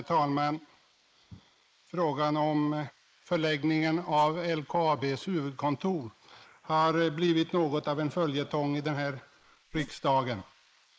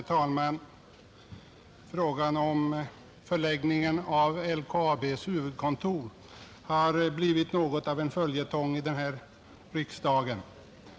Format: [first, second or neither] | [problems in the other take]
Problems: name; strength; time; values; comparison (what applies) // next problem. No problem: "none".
second | noise reduction (neural mask model Resemble Enhance denoiser)